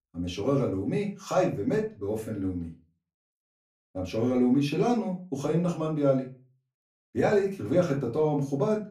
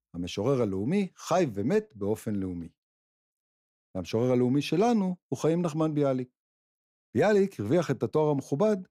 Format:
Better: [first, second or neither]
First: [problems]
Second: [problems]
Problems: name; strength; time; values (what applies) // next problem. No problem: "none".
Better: second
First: off-mic speech; far // room echo; very slight; dies away in 0.3 s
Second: none